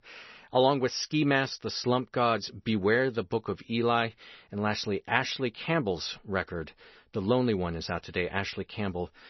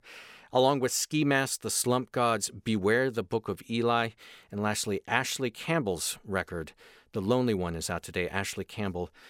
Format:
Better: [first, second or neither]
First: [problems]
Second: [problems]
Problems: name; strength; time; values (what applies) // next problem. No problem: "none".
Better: second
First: garbled, watery; slightly; nothing above 6 kHz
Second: none